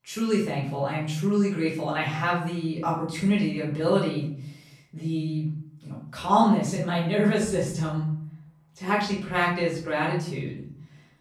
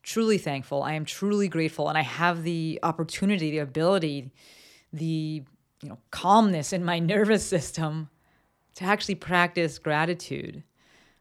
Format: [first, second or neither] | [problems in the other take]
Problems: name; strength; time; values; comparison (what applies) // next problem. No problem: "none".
second | off-mic speech; far // room echo; noticeable; dies away in 0.6 s